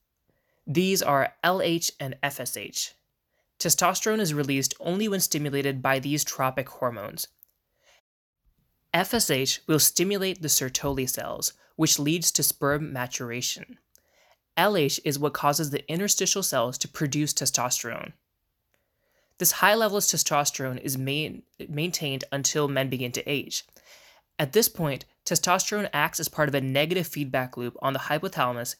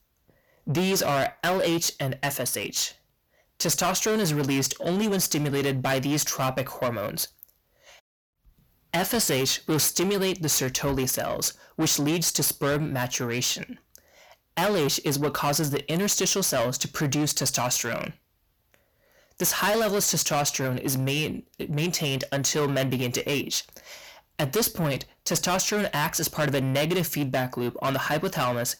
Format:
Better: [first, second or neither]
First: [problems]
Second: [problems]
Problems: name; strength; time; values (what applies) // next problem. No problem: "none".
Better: first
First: none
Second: distortion; heavy; 6 dB below the speech